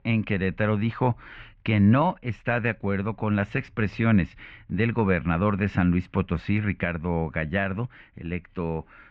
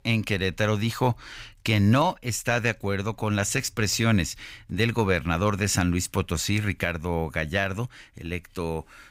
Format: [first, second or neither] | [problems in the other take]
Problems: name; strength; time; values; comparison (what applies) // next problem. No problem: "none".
second | muffled; very; fading above 2.5 kHz